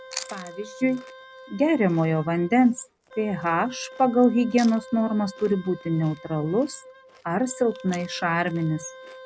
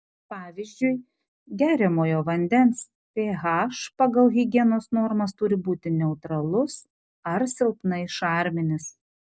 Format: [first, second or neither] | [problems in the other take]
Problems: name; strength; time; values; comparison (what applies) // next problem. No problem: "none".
second | background sound (Chewing, mastication + Wind instrument, woodwind instrument); 18 dB below the speech